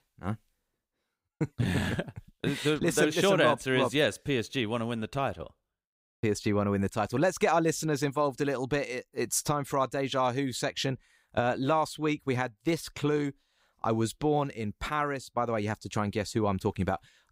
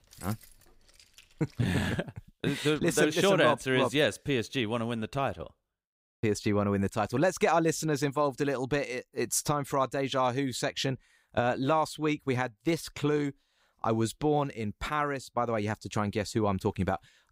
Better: first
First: none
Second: jangling keys; faint; until 1.5 s; peak 15 dB below the speech

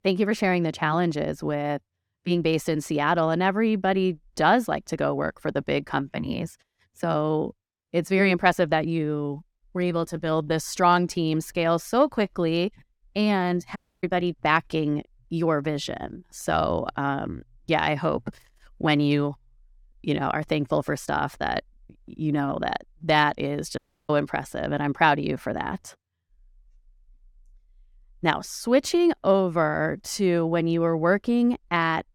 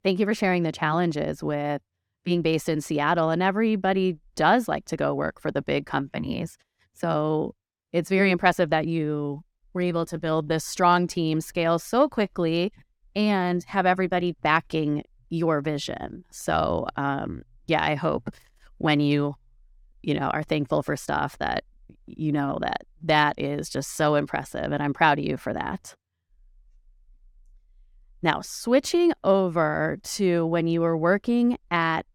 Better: second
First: audio cutting out; at 14 s and at 24 s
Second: none

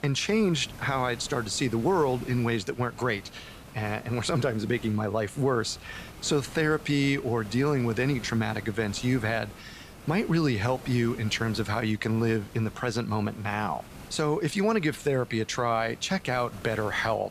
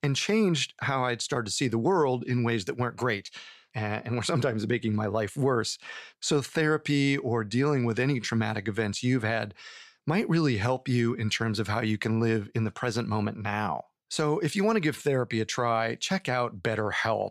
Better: second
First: hiss; noticeable; throughout; 20 dB below the speech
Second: none

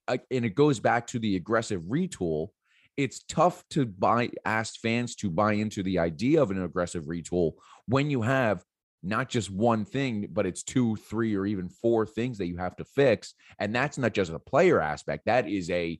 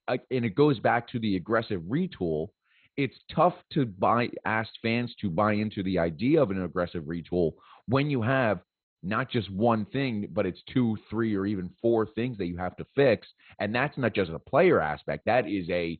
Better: first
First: none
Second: garbled, watery; badly; nothing above 4 kHz

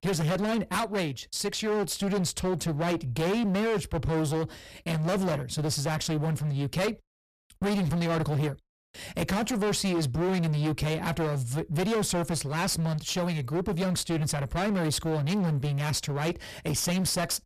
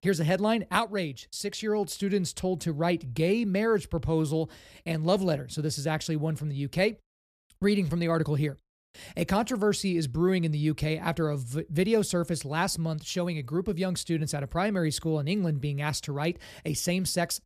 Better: second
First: distortion; heavy; 26% of the sound clipped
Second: none

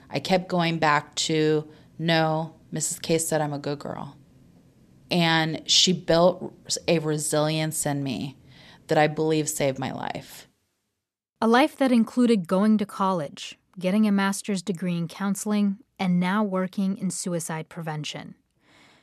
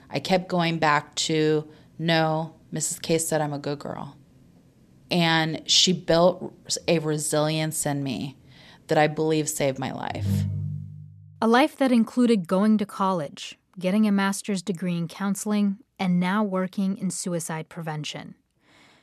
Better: first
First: none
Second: phone ringing; noticeable; at 10 s; peak 2 dB below the speech

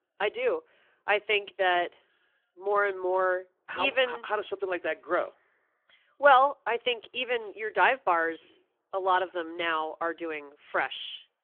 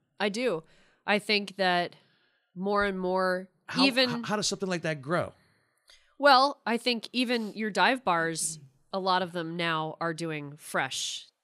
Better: second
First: phone-call audio; nothing above 3.5 kHz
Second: none

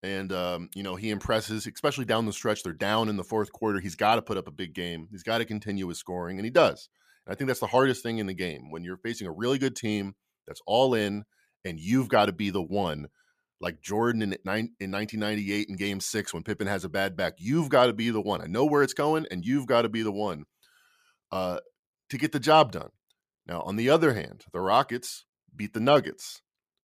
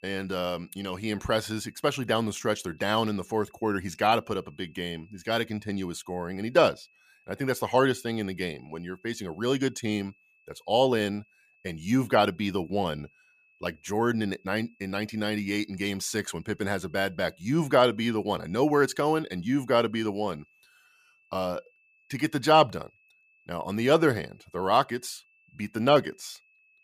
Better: first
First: none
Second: high-pitched whine; faint; throughout; 2.5 kHz, 35 dB below the speech

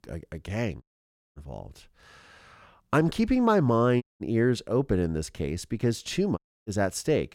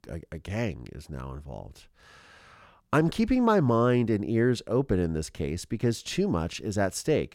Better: second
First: audio cutting out; at 1 s for 0.5 s, at 4 s and at 6.5 s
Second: none

